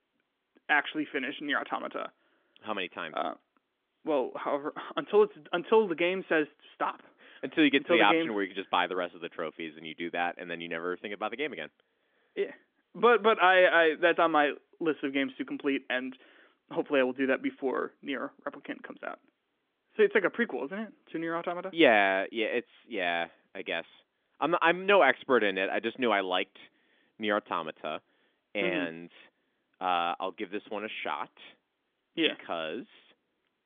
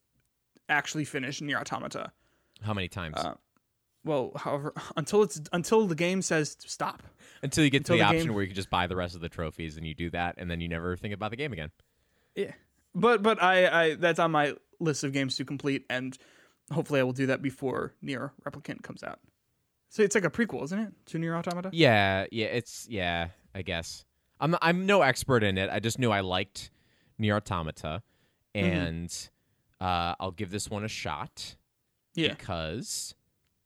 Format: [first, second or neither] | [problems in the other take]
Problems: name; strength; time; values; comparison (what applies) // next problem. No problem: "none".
second | phone-call audio; nothing above 3.5 kHz